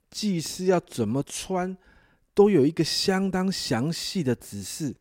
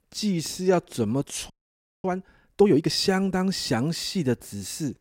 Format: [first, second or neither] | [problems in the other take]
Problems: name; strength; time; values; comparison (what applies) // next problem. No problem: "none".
first | audio freezing; at 1.5 s for 0.5 s